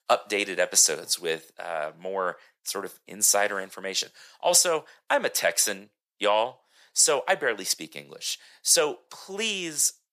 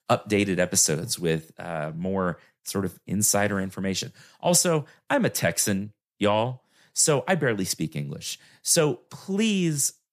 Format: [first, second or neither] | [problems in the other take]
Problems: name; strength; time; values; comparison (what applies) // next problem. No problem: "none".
second | thin; very; fading below 600 Hz